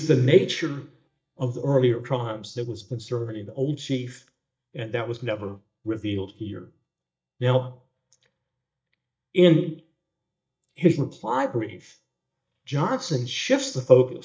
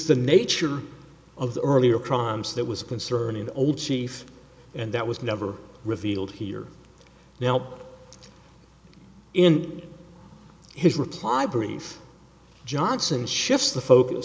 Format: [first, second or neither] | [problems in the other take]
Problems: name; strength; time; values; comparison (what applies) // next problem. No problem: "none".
second | noise reduction (neural mask model DeepFilterNet 3)